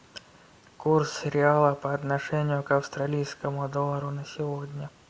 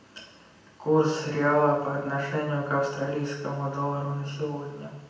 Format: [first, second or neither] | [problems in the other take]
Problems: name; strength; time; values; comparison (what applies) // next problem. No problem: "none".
first | room echo; dies away in 0.9 s